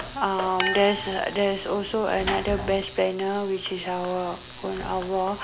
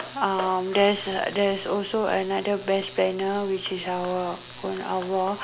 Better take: second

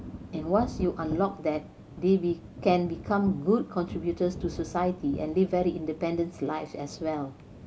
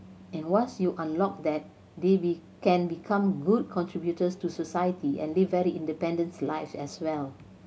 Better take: second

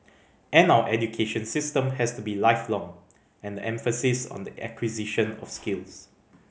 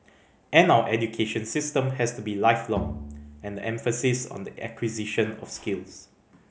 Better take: first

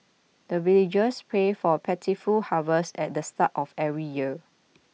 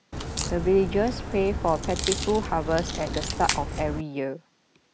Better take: first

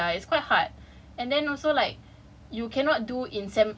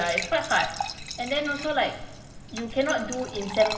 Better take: first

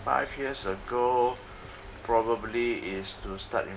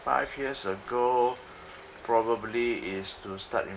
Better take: second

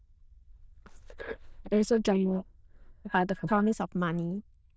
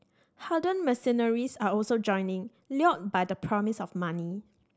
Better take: second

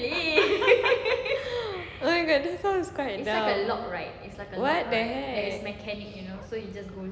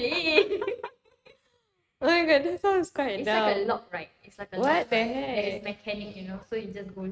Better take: first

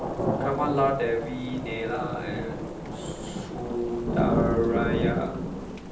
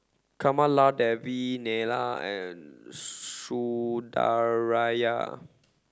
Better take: second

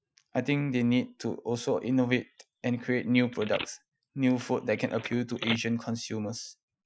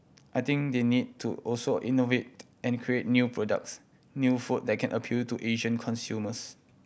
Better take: second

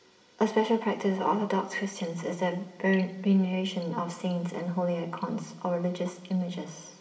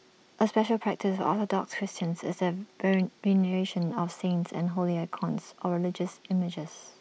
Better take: second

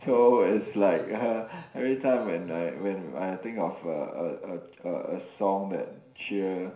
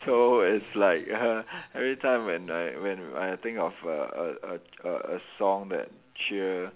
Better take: second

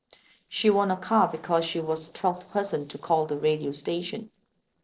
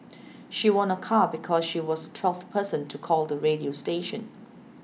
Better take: second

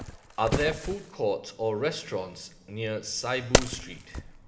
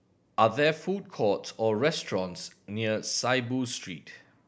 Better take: second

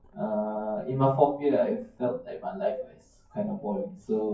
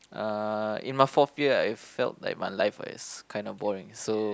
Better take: second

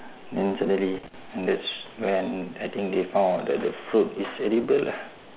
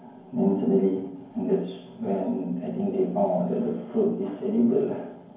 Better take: first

